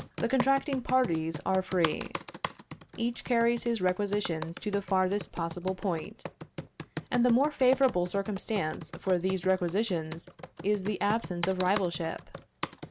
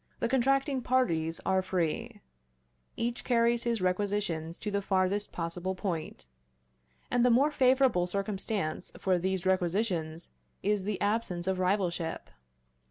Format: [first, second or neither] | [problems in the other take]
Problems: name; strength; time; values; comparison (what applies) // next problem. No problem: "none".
second | background sound (Computer keyboard); 12 dB below the speech